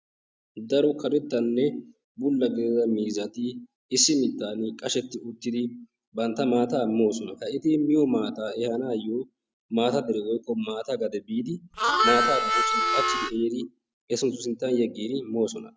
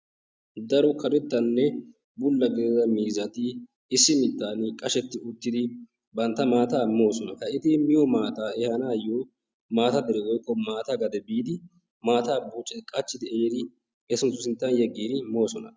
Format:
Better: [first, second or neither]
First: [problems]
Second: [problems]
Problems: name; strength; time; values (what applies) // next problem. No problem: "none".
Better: second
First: background sound (Harmonica); 3 dB above the speech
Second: none